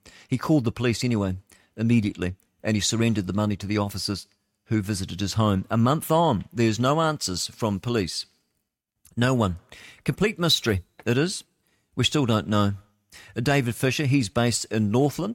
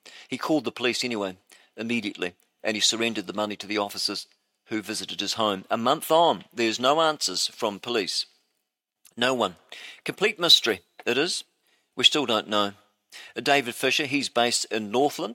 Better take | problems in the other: first | thin; somewhat; fading below 400 Hz

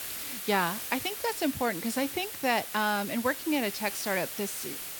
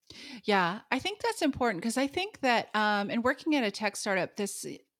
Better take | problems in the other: second | hiss; loud; throughout; 6 dB below the speech

